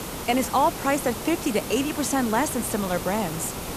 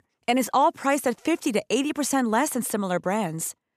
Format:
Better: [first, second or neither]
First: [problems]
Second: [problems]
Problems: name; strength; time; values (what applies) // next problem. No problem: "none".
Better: second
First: hiss; loud; throughout; 7 dB below the speech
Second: none